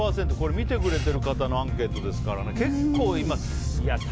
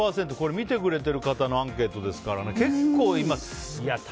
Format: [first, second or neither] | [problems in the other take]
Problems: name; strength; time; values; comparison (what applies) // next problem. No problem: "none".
second | background sound (Bird); as loud as the speech